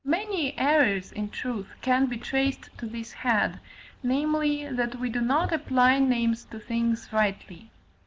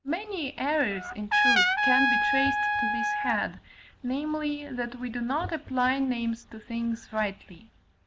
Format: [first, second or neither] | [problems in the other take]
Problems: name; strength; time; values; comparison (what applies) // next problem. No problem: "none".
first | background sound (Trumpet); 4 dB above the speech